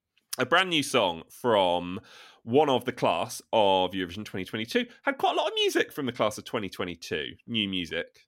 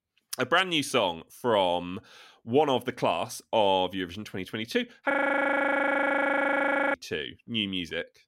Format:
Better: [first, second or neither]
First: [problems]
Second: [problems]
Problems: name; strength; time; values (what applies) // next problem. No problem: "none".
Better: first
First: none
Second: audio freezing; at 5 s for 2 s